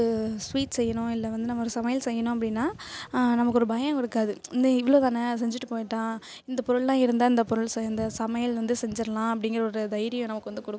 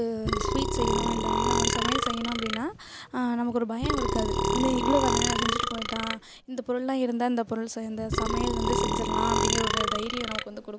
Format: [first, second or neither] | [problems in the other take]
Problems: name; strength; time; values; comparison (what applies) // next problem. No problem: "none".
first | background sound (Burping, eructation); 3 dB above the speech